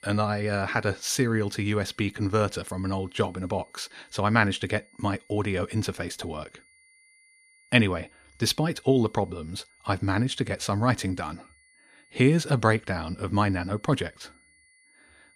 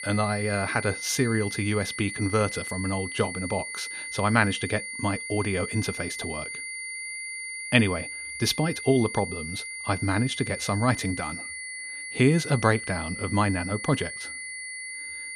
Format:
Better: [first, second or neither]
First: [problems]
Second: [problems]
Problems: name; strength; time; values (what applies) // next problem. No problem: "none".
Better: first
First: high-pitched whine; faint; throughout; 2 kHz, 30 dB below the speech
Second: high-pitched whine; loud; throughout; 2 kHz, 7 dB below the speech